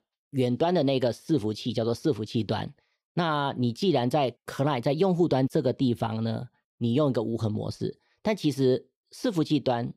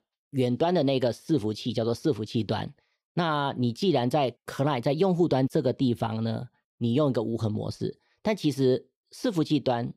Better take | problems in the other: neither | none

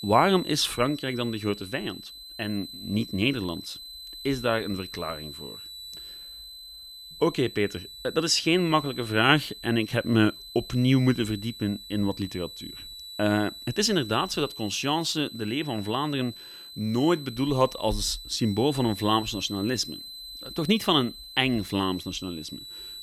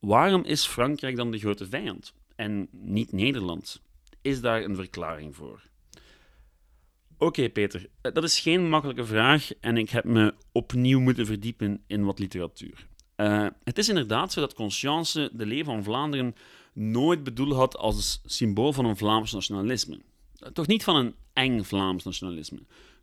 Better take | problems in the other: second | high-pitched whine; noticeable; throughout; 4 kHz, 15 dB below the speech

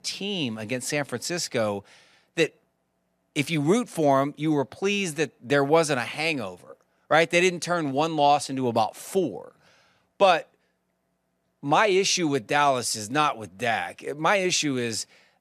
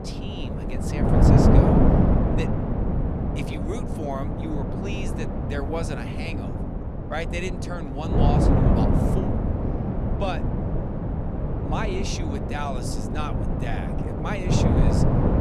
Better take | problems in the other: first | wind noise on the microphone; heavy; 4 dB above the speech

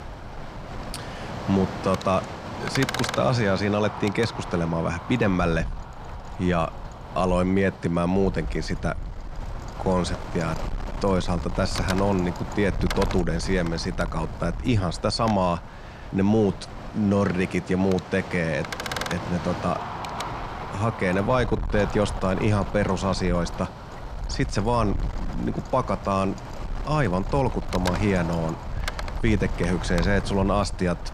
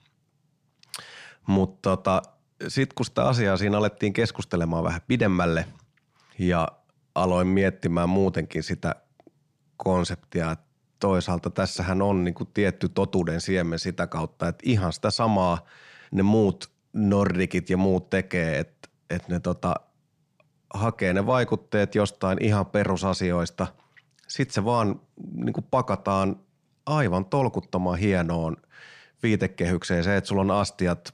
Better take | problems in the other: second | wind noise on the microphone; heavy; 8 dB below the speech

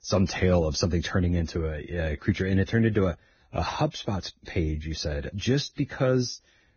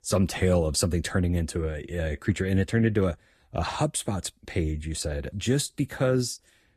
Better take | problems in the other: second | garbled, watery; badly; nothing above 6.5 kHz; slightly in the second

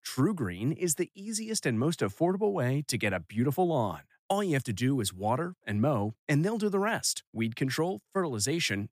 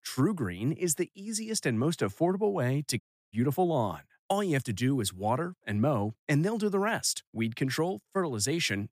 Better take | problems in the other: first | audio cutting out; at 3 s

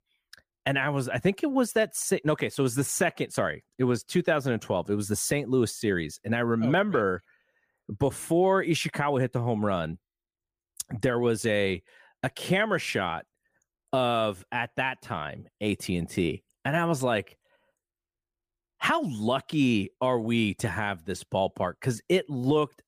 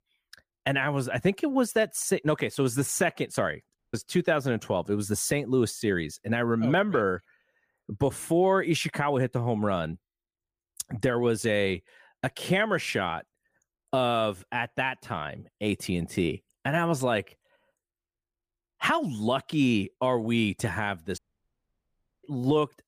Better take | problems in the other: first | audio cutting out; at 4 s and at 21 s for 1 s

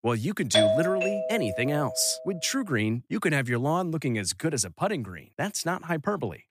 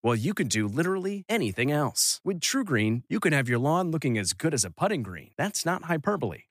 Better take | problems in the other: second | doorbell; loud; from 0.5 to 2 s; peak 6 dB above the speech

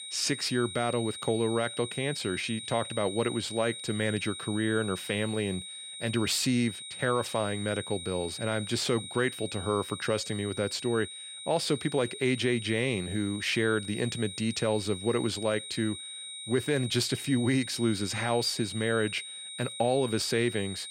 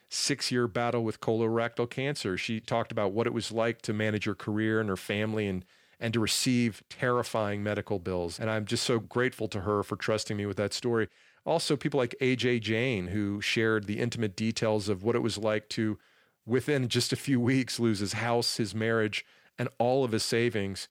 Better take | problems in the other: second | high-pitched whine; loud; throughout; 4 kHz, 9 dB below the speech

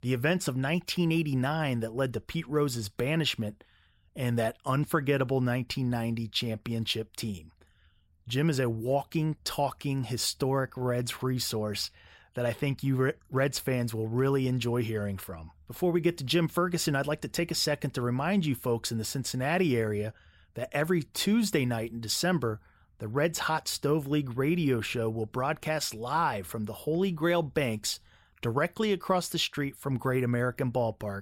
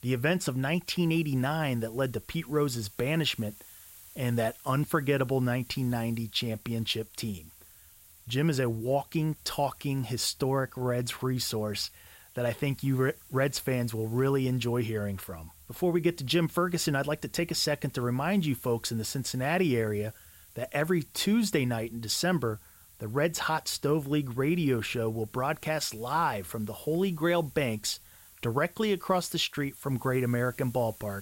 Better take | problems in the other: first | hiss; faint; throughout; 20 dB below the speech

